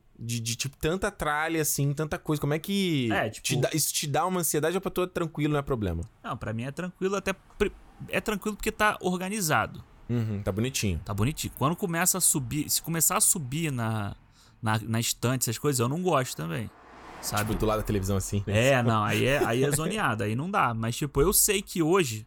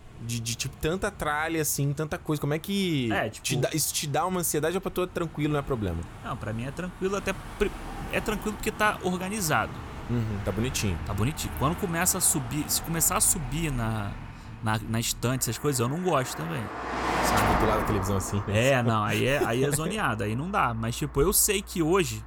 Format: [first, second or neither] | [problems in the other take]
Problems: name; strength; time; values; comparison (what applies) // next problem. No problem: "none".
first | traffic noise; loud; throughout; 9 dB below the speech; faint in the first